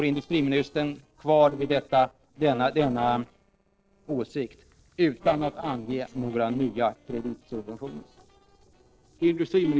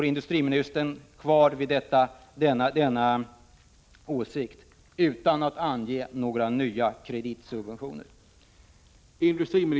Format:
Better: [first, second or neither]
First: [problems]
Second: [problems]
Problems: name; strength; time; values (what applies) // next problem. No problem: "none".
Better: second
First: noise reduction (neural separator model SepFormer DNS4)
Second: none